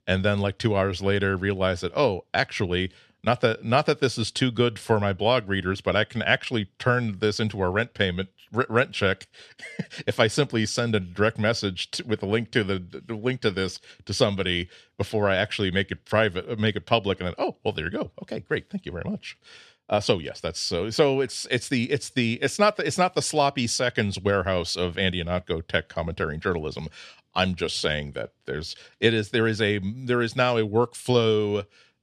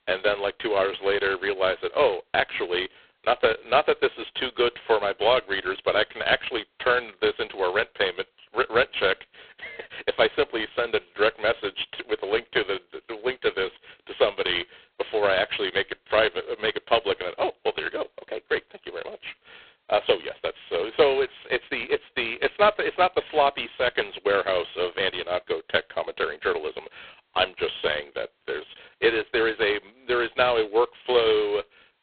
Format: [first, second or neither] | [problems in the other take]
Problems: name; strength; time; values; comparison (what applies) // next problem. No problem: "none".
first | phone-call audio; poor line; nothing above 4 kHz